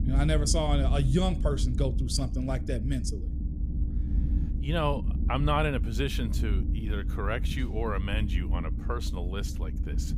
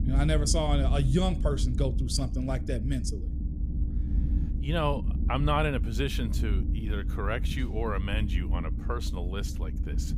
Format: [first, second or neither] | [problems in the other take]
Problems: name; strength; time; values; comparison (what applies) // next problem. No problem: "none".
neither | low rumble; noticeable; throughout; 10 dB below the speech; the same in both